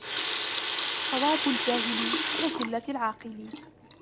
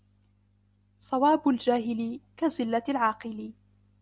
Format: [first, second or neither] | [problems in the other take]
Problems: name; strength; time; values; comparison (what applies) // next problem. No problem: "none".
second | background sound (Water tap, faucet); 1 dB above the speech